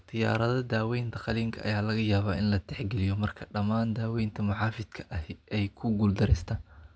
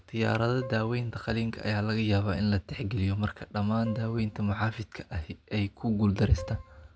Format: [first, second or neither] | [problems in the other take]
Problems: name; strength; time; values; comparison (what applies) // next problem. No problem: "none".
first | background sound (Keyboard (musical)); 16 dB below the speech